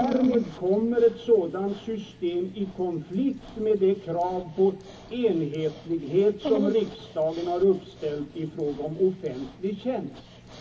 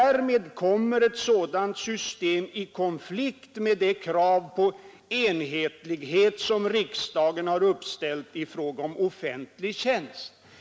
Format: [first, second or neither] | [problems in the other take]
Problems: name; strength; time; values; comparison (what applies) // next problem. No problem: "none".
second | background sound (Dog); 12 dB below the speech // room echo; dies away in 0.3 s